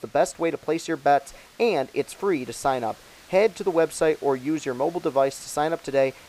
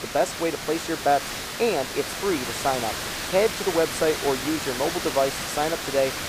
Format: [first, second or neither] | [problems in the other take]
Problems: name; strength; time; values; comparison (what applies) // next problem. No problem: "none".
first | hiss; loud; throughout; 4 dB below the speech; faint in the first